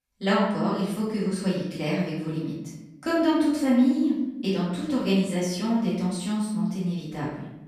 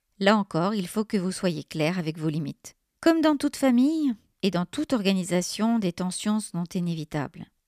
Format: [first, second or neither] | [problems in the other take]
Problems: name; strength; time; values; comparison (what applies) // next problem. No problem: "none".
second | room echo; noticeable; dies away in 0.9 s // off-mic speech; far